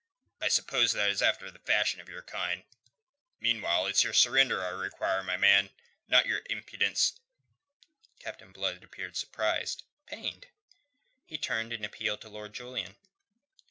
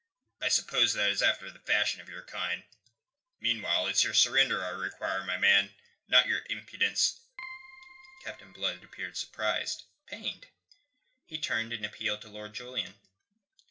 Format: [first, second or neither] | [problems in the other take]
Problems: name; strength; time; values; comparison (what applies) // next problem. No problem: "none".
first | background sound (Keyboard (musical)); 17 dB below the speech // room echo; dies away in 0.2 s